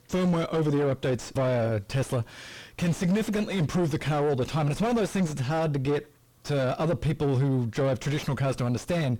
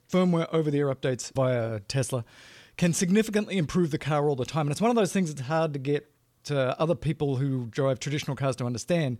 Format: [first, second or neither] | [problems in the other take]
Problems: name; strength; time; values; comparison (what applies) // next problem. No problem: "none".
second | distortion; heavy; 5 dB below the speech